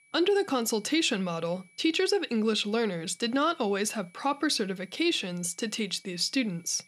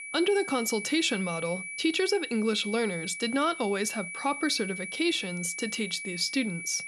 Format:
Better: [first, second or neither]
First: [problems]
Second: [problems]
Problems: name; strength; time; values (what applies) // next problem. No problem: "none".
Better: first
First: high-pitched whine; faint; throughout; 2.5 kHz, 30 dB below the speech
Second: high-pitched whine; loud; throughout; 2.5 kHz, 8 dB below the speech